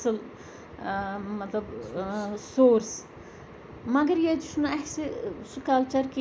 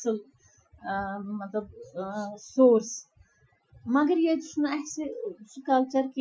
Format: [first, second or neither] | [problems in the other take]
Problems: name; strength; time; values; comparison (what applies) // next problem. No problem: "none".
first | noise reduction (classical method Wiener filter)